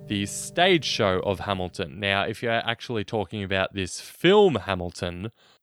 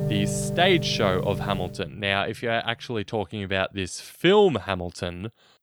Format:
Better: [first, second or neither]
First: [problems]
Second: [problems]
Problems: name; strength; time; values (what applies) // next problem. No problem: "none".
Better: first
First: background music; faint; until 1.5 s; 25 dB below the speech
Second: background music; loud; until 1.5 s; 6 dB below the speech